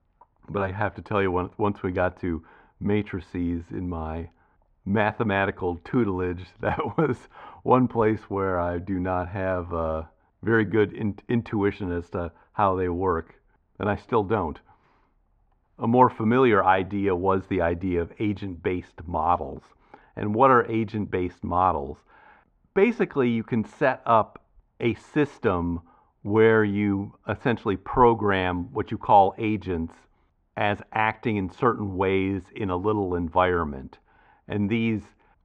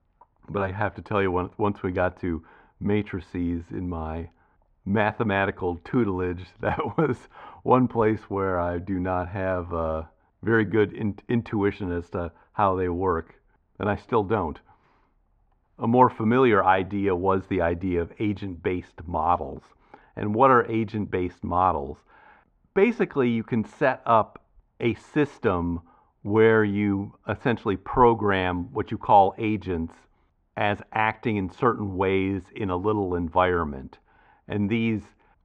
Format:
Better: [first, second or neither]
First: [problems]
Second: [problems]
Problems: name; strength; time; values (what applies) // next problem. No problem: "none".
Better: neither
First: muffled; very; fading above 1.5 kHz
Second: muffled; very; fading above 1.5 kHz